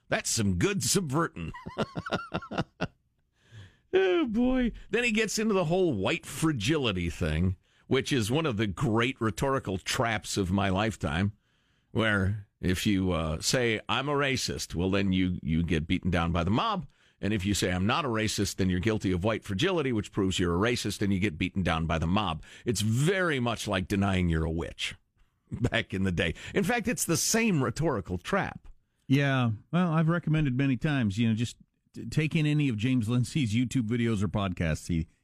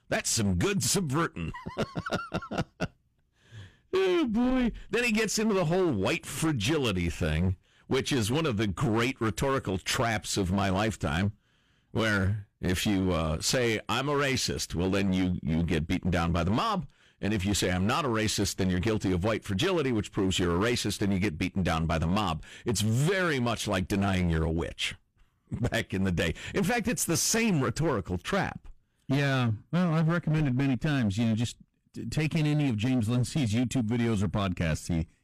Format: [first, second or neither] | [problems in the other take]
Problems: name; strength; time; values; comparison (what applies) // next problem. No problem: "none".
first | distortion; slight; 14% of the sound clipped